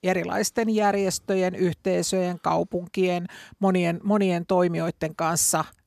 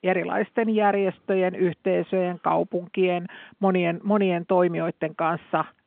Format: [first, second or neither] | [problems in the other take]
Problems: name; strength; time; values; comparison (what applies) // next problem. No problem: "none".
first | phone-call audio